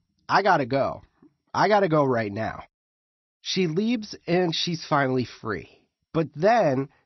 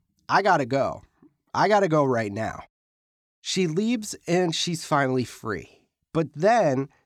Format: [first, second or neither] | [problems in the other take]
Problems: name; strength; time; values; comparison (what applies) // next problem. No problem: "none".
second | garbled, watery; slightly; nothing above 6 kHz